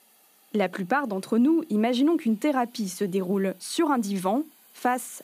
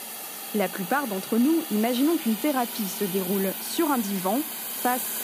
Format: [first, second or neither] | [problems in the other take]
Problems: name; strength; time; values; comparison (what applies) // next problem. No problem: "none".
first | hiss; loud; throughout; 5 dB below the speech; faint in the first